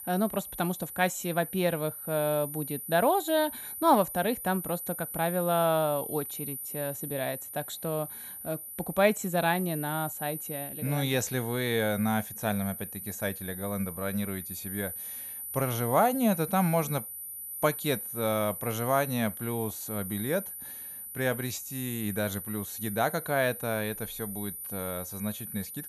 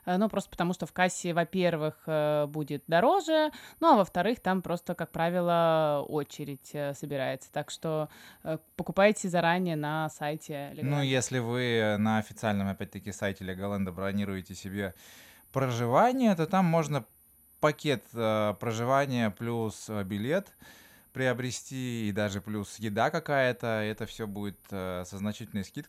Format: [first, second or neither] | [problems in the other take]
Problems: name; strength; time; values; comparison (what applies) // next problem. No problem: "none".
second | high-pitched whine; loud; throughout; 12 kHz, 7 dB below the speech; faint in the second